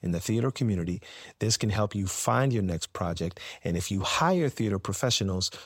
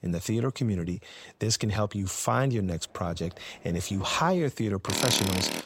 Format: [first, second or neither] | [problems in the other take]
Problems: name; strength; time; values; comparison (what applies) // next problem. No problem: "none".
first | machinery noise; loud; throughout; as loud as the speech